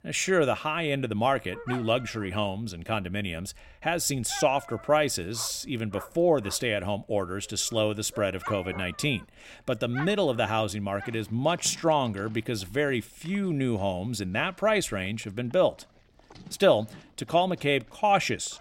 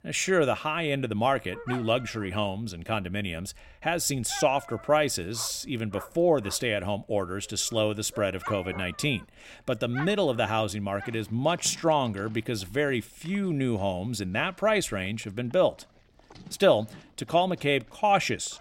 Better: neither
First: animal sounds; noticeable; throughout; 15 dB below the speech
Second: animal sounds; noticeable; throughout; 15 dB below the speech

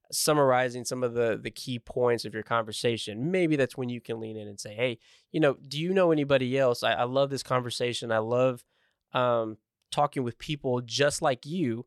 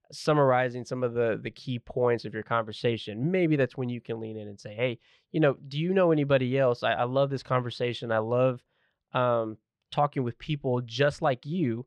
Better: first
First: none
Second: muffled; slightly; fading above 3 kHz

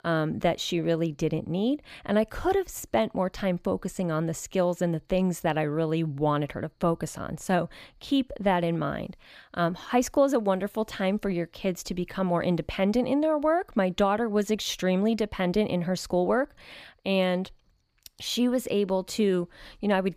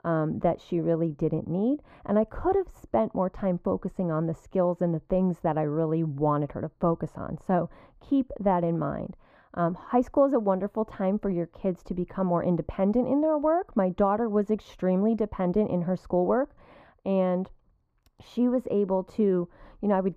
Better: first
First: none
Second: muffled; very; fading above 2 kHz

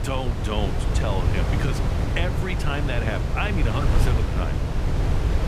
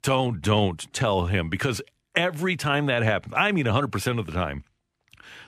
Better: second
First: wind noise on the microphone; heavy; 2 dB below the speech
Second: none

